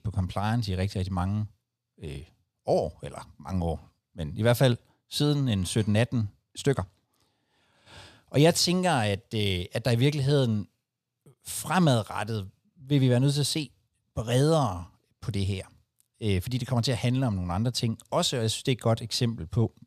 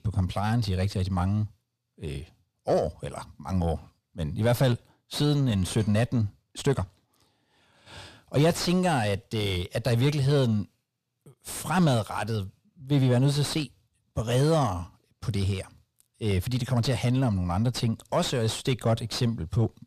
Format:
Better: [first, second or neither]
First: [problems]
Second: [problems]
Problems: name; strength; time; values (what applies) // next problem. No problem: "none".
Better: first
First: none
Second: distortion; slight; 9 dB below the speech